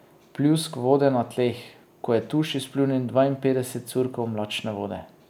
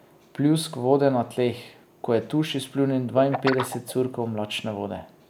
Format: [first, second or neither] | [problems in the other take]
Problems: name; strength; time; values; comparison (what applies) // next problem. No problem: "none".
first | background sound (Guitar); 10 dB below the speech